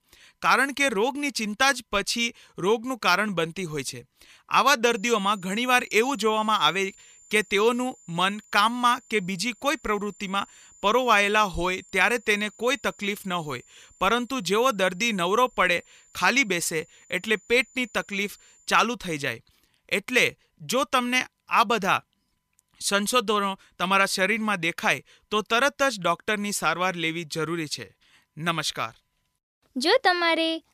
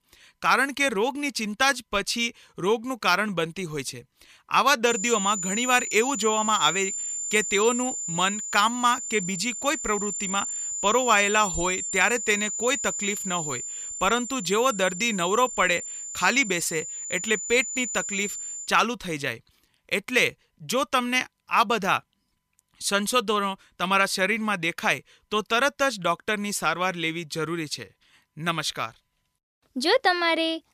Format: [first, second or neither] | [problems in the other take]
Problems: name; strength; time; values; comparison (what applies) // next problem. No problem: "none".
first | high-pitched whine; loud; from 5 to 19 s; 7 kHz, 5 dB below the speech; faint in the first